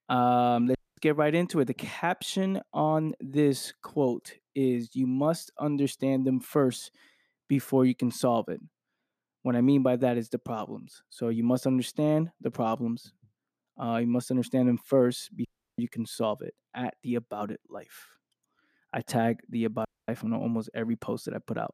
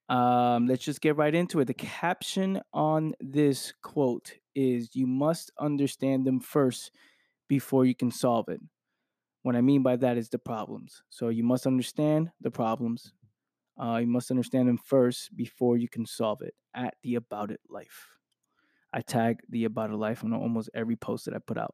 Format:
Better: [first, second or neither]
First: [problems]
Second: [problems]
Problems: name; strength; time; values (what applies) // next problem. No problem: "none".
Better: second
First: audio cutting out; at 1 s, at 15 s and at 20 s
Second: none